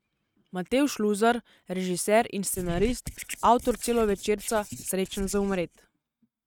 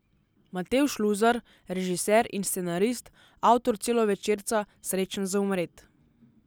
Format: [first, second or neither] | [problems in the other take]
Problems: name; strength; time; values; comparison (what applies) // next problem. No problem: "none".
second | noise reduction (neural mask model RNNoise)